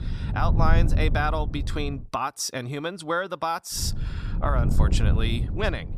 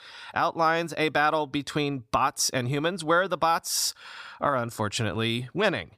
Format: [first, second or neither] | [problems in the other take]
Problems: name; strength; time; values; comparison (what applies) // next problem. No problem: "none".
second | wind noise on the microphone; occasional gusts; until 2 s and from 4 s on; 10 dB below the speech